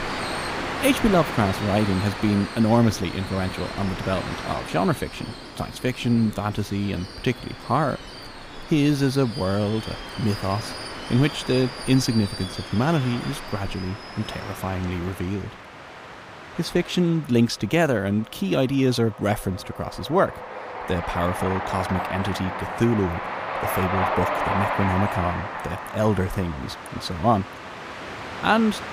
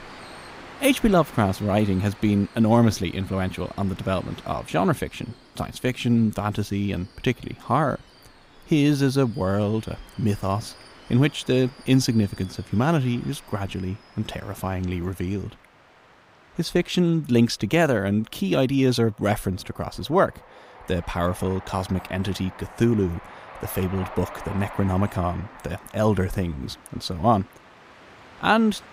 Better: second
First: train or aircraft noise; loud; throughout; 7 dB below the speech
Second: train or aircraft noise; faint; throughout; 20 dB below the speech

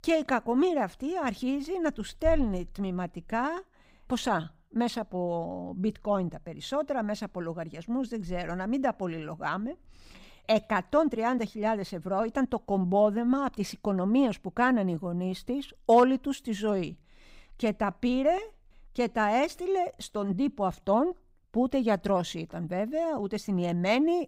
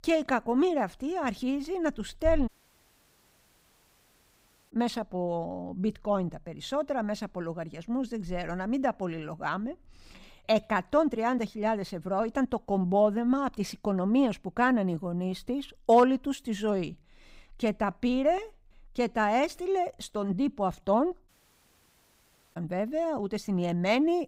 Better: first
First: none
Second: audio cutting out; at 2.5 s for 2 s and at 21 s for 1.5 s

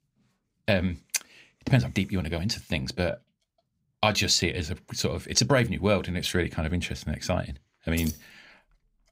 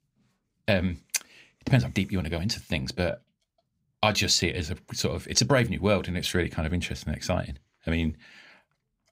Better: second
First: jangling keys; faint; at 8 s; peak 10 dB below the speech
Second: none

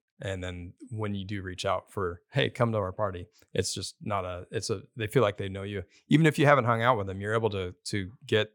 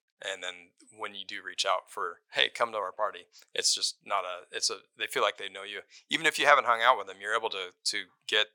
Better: first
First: none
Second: thin; very; fading below 800 Hz

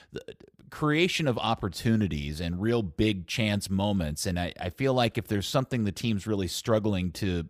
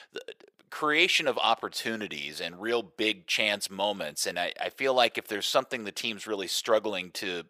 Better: first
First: none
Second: thin; very; fading below 550 Hz

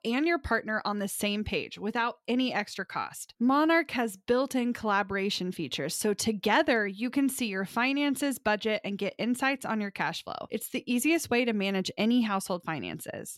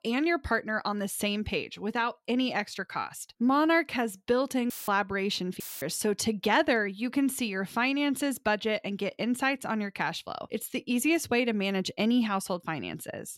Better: first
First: none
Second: audio cutting out; filled with static; at 4.5 s and at 5.5 s

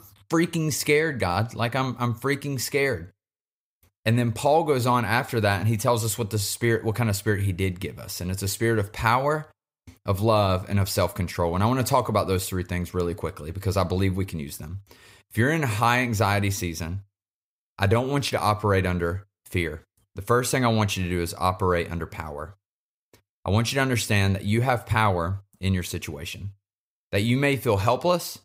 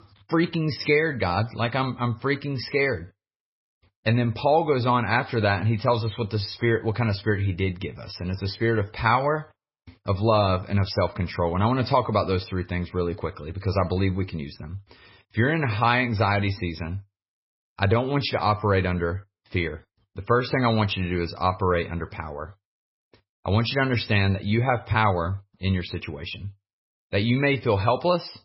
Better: first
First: none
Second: garbled, watery; badly; nothing above 5.5 kHz

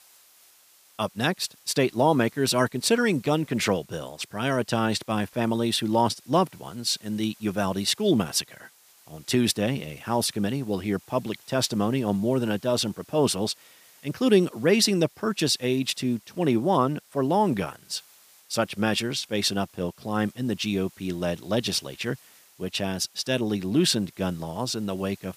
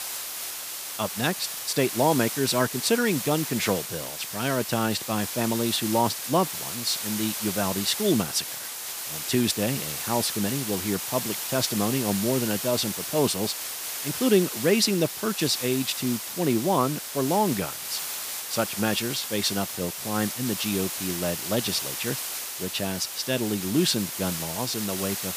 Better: first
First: hiss; faint; throughout; 25 dB below the speech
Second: hiss; loud; throughout; 4 dB below the speech

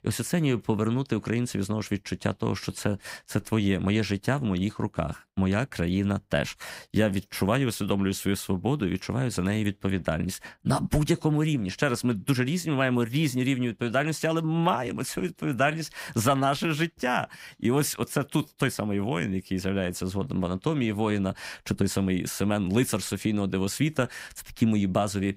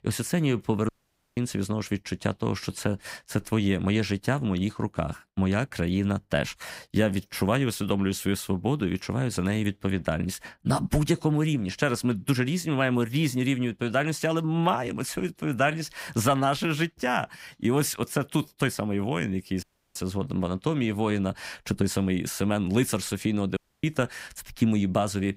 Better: first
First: none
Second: audio cutting out; at 1 s, at 20 s and at 24 s

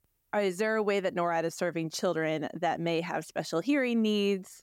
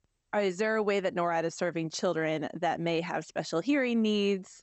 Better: first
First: none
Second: garbled, watery; slightly; nothing above 8 kHz

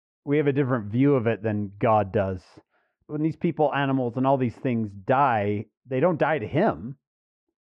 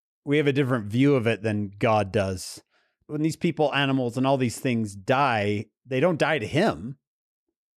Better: second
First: muffled; very; fading above 1.5 kHz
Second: none

